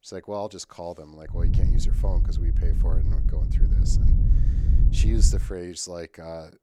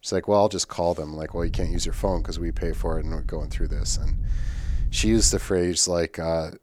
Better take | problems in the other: second | low rumble; loud; from 1.5 to 5.5 s; 5 dB below the speech; faint in the second

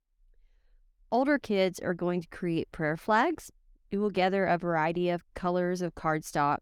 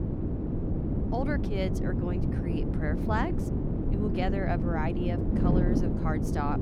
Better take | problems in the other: first | wind noise on the microphone; heavy; 2 dB below the speech

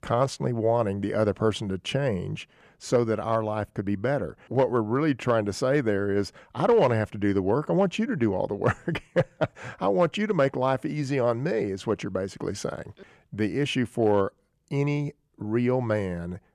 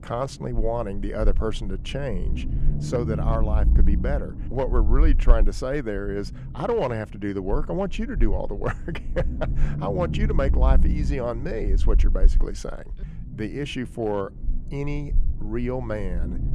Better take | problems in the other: first | low rumble; noticeable; throughout; 15 dB below the speech

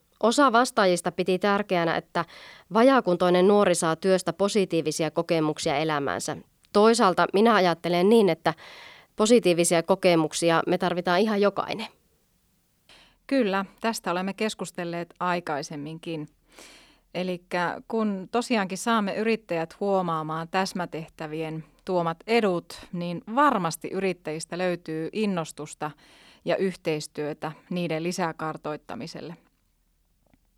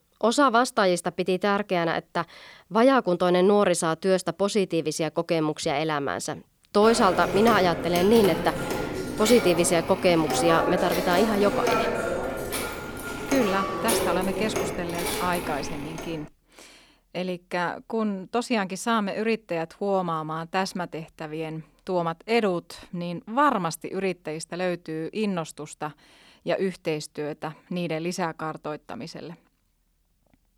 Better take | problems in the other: first | phone ringing; loud; from 7 to 16 s; peak 1 dB above the speech

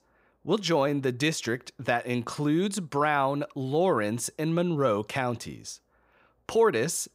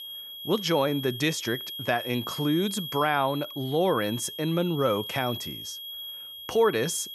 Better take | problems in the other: first | high-pitched whine; loud; throughout; 3.5 kHz, 9 dB below the speech

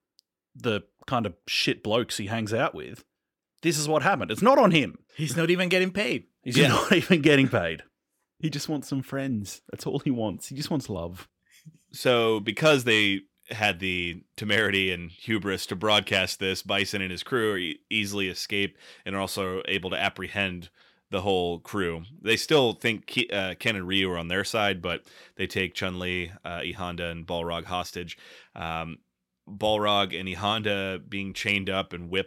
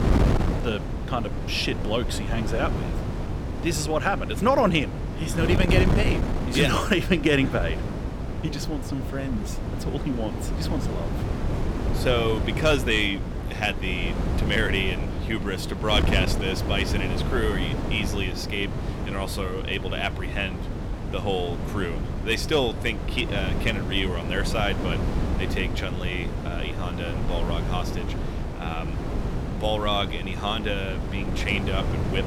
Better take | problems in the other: first | wind noise on the microphone; heavy; 8 dB below the speech

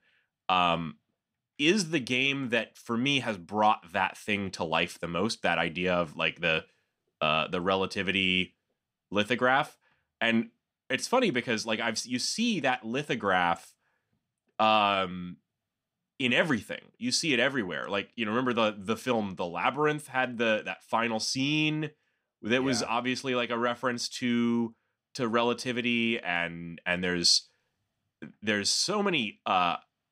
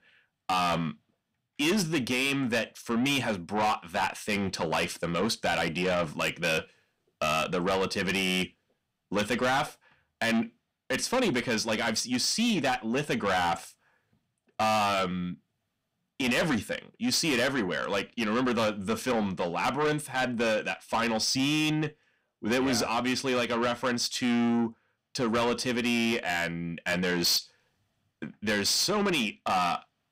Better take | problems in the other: first | distortion; heavy; 6 dB below the speech

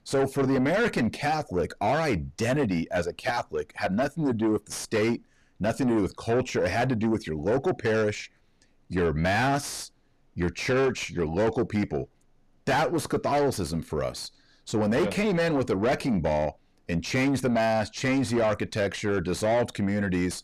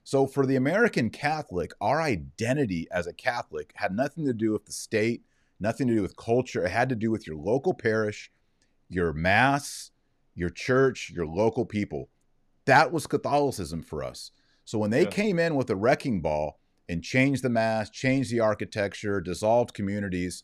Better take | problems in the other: second | distortion; heavy; 6 dB below the speech

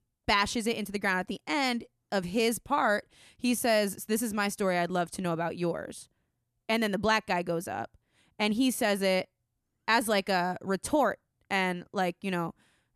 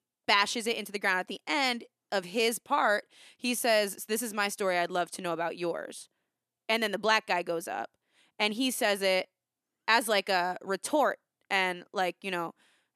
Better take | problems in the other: first | thin; very slightly; fading below 300 Hz

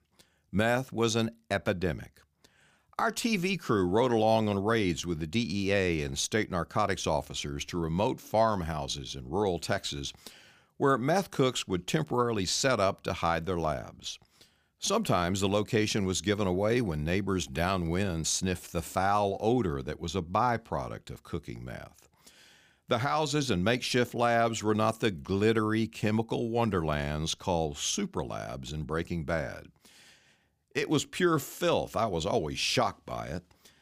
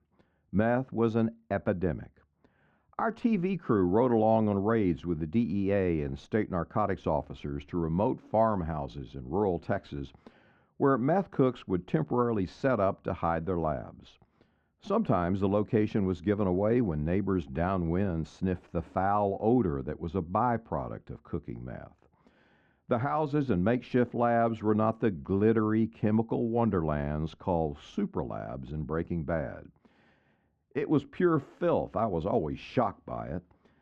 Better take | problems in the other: first | muffled; very; fading above 1.5 kHz

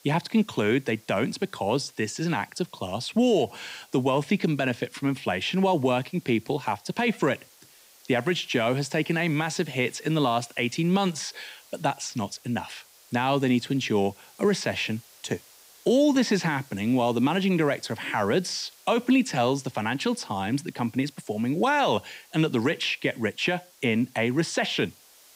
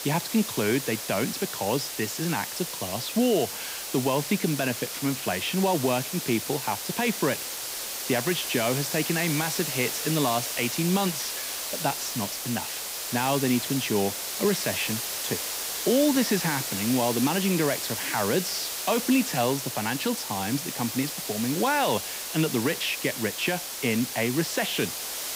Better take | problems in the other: first | hiss; loud; throughout; 3 dB below the speech; faint in the first

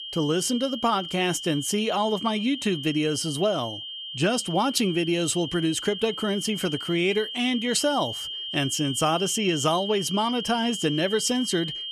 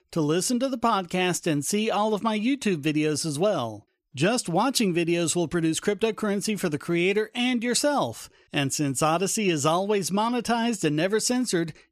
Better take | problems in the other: second | high-pitched whine; loud; throughout; 3 kHz, 7 dB below the speech

